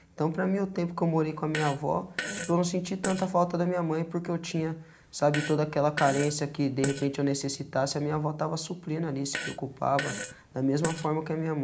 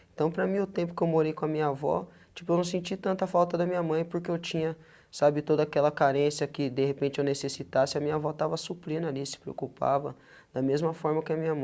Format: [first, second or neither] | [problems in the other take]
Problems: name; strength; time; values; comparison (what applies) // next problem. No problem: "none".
second | background sound (Fart); 10 dB below the speech // room echo; dies away in 0.4 s